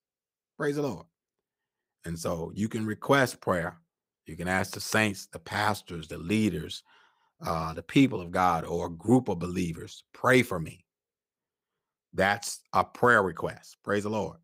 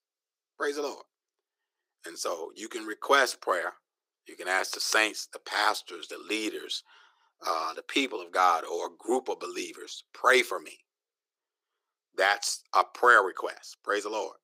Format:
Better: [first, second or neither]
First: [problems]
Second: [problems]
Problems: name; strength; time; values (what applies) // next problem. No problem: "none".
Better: first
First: none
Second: thin; very; fading below 350 Hz